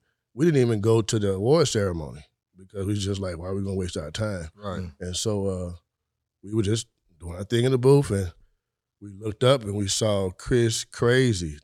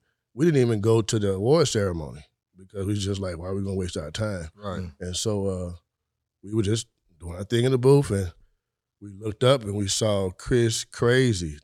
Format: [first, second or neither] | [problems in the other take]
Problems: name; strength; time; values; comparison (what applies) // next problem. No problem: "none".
neither | none